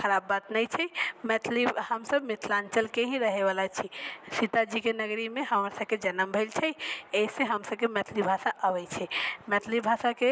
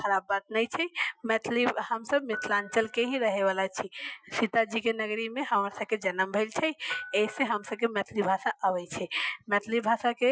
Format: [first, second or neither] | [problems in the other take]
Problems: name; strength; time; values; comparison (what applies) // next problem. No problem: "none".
first | noise reduction (classical method Wiener filter)